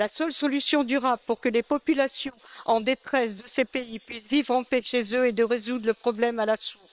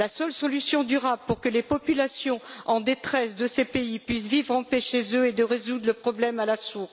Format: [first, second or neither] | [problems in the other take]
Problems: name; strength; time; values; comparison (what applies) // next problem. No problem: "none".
second | noise reduction (neural separator model SepFormer WHAM!)